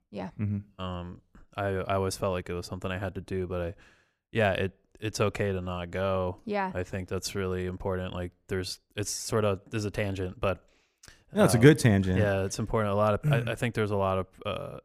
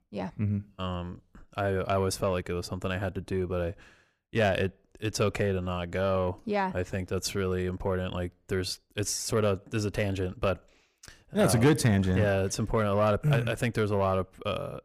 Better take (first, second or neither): first